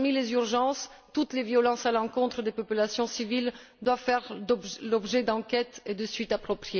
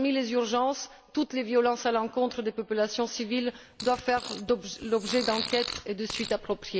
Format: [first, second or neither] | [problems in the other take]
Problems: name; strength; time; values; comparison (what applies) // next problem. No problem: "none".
first | background sound (Fart); 10 dB below the speech